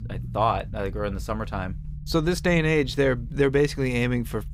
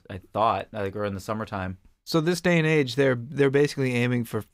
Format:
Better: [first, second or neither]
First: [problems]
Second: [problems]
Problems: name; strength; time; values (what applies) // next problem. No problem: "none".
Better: second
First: low rumble; faint; throughout; 25 dB below the speech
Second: none